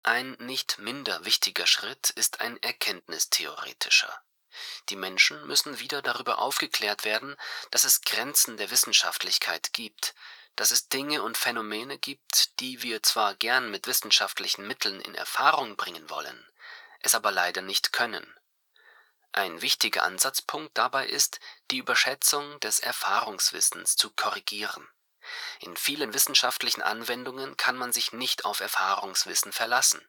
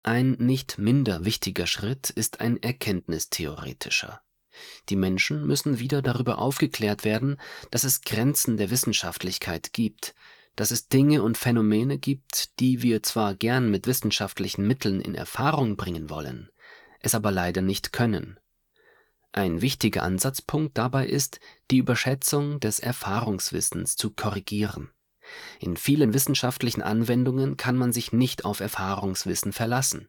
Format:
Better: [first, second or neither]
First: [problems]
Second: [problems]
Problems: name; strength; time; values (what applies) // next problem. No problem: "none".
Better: second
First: thin; very; fading below 800 Hz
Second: none